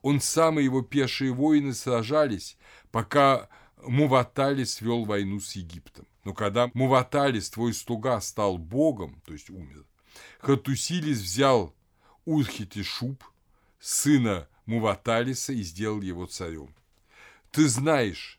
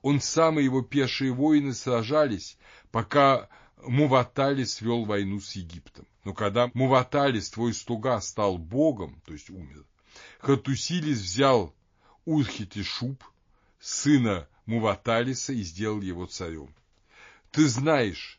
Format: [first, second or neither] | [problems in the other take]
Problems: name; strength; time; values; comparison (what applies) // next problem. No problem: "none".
first | garbled, watery; slightly; nothing above 7 kHz